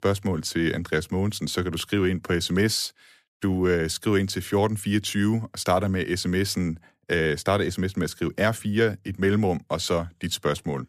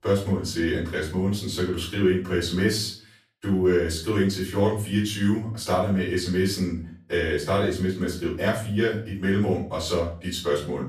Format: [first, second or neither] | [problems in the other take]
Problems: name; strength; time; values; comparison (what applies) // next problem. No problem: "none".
first | room echo; slight; dies away in 0.4 s // off-mic speech; far